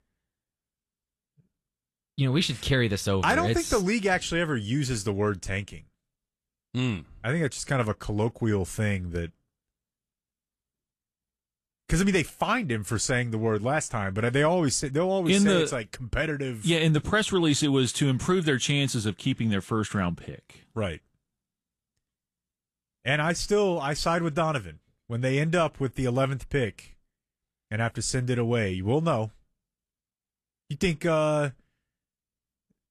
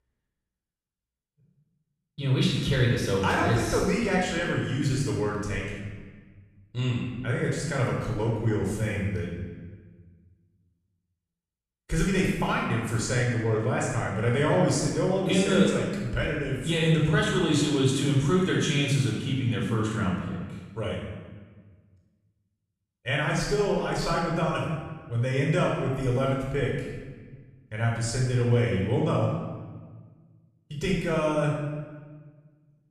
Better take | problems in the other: first | off-mic speech; far // room echo; noticeable; dies away in 1.2 s

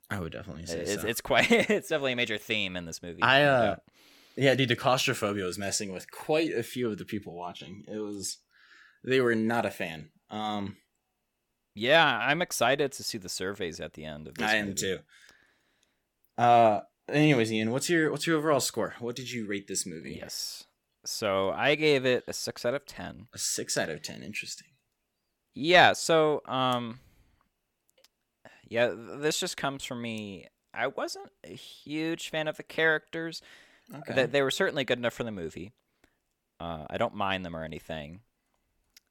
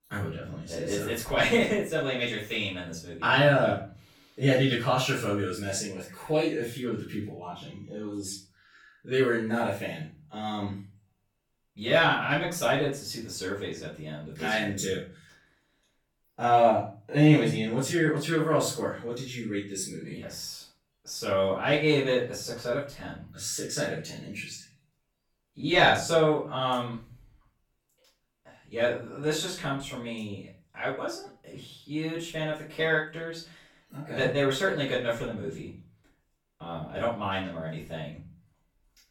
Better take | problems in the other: first | off-mic speech; far // room echo; noticeable; dies away in 0.4 s

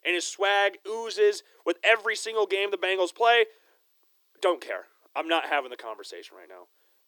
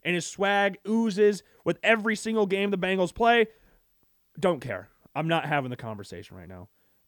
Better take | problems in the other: second | thin; very; fading below 350 Hz

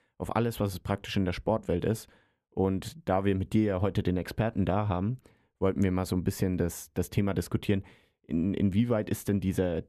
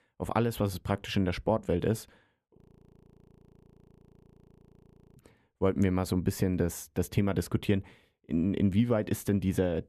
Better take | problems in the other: first | audio freezing; at 2.5 s for 2.5 s

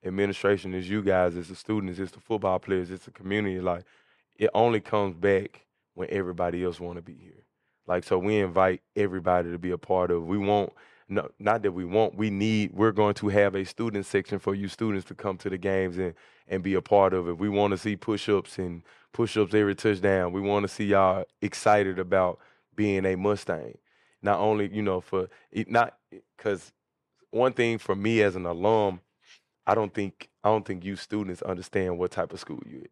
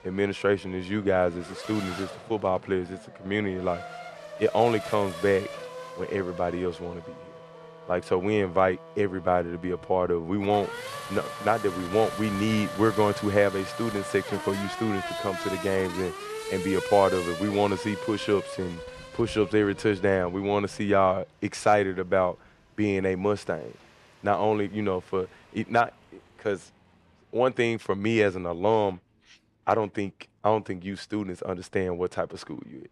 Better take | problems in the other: first | traffic noise; noticeable; throughout; 10 dB below the speech

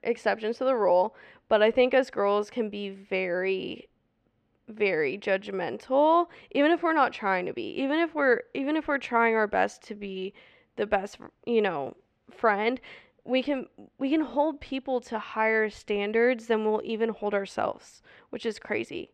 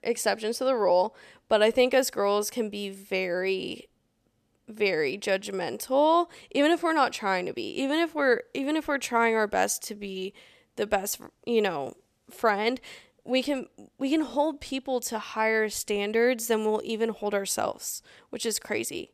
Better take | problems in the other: second | muffled; slightly; fading above 2.5 kHz

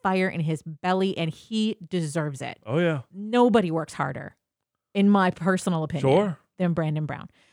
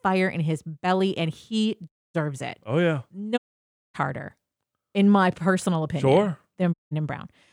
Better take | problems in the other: first | audio cutting out; at 2 s, at 3.5 s for 0.5 s and at 6.5 s

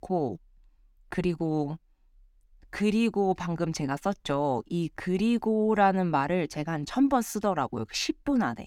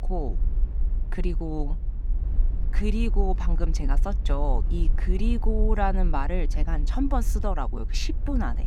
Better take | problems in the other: first | low rumble; noticeable; throughout; 15 dB below the speech

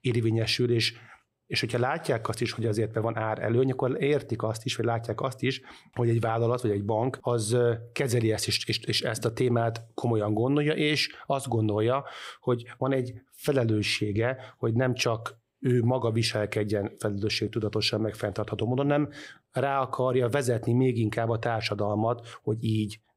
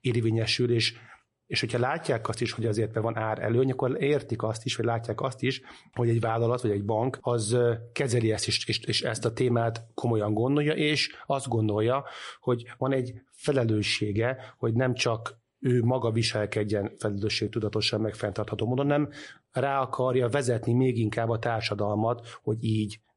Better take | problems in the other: first | garbled, watery; slightly; nothing above 10.5 kHz

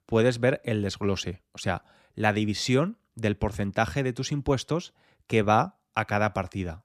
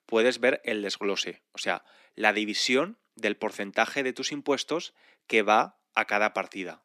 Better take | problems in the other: first | thin; somewhat; fading below 250 Hz

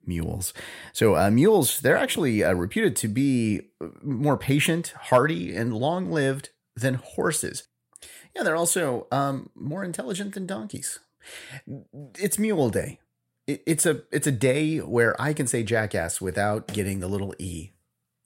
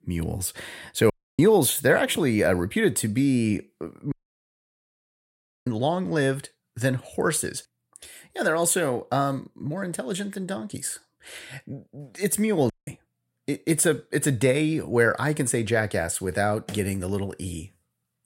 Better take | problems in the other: first | audio cutting out; at 1 s, at 4 s for 1.5 s and at 13 s

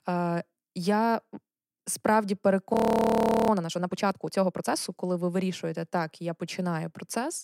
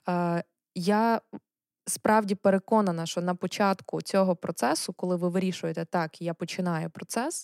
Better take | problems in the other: second | audio freezing; at 2.5 s for 0.5 s

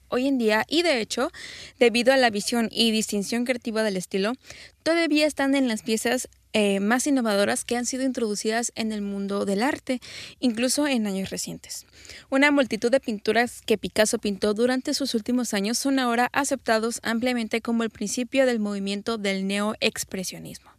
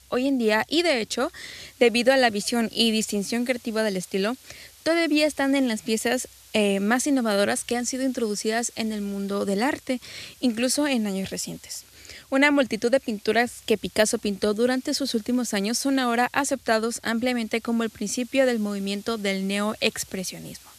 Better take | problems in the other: first | hiss; faint; throughout; 25 dB below the speech

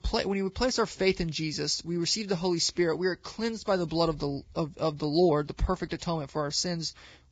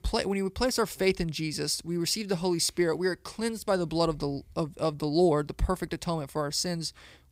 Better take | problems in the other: second | garbled, watery; badly; nothing above 7.5 kHz

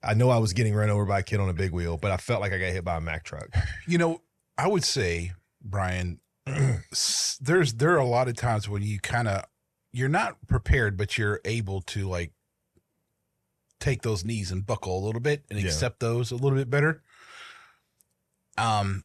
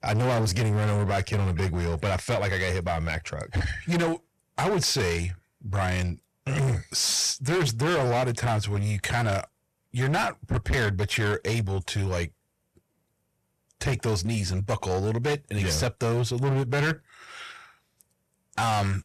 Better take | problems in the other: first | distortion; heavy; 20% of the sound clipped

